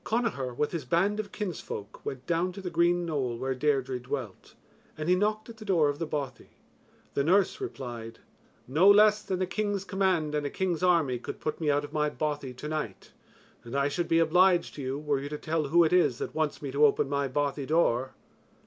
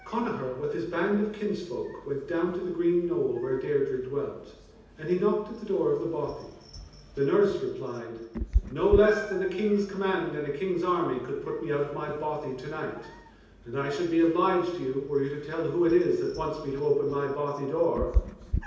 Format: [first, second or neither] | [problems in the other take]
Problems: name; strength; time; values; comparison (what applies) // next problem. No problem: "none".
first | background sound (Meow); 10 dB below the speech // room echo; dies away in 0.8 s